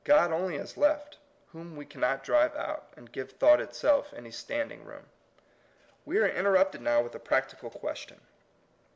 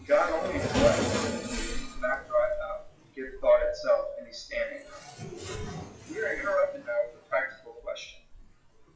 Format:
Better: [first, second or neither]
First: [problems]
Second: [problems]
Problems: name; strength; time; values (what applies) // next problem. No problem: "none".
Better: first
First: none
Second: noise reduction (classical method WPE with log-MMSE)